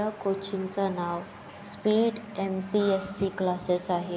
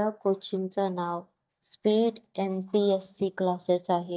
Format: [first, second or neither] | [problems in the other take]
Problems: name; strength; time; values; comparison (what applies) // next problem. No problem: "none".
first | noise reduction (neural mask model DeepFilterNet 3)